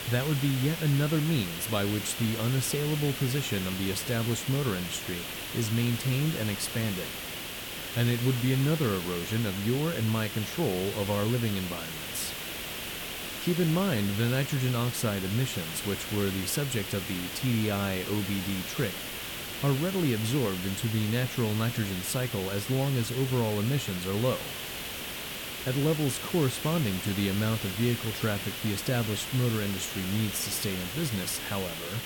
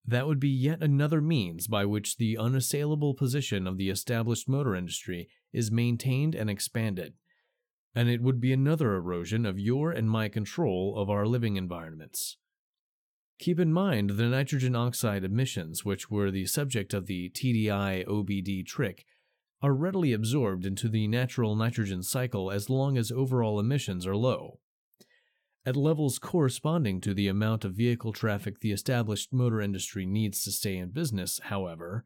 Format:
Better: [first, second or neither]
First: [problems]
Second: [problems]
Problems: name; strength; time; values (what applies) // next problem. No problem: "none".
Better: second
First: hiss; loud; throughout; 5 dB below the speech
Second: none